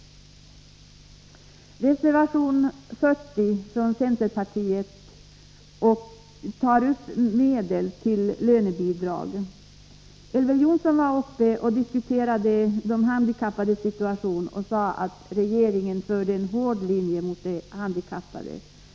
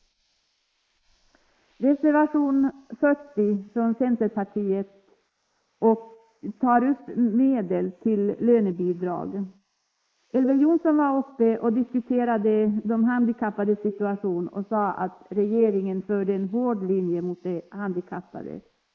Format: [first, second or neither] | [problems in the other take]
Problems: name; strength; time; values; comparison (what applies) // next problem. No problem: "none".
first | noise reduction (neural mask model Resemble Enhance denoiser)